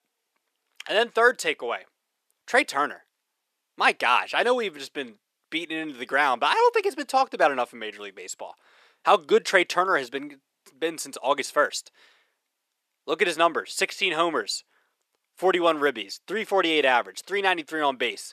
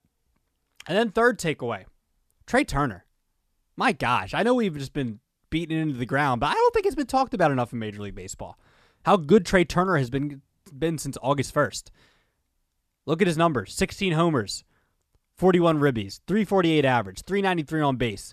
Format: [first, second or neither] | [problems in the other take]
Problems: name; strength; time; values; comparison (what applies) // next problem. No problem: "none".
second | thin; very; fading below 400 Hz